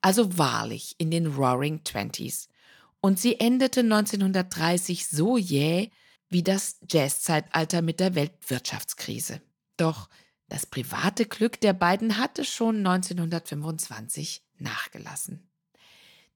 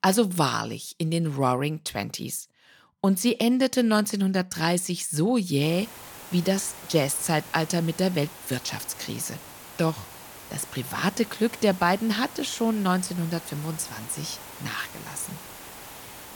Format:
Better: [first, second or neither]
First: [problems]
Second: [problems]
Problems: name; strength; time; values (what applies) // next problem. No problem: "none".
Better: first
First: none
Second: hiss; noticeable; from 5.5 s on; 15 dB below the speech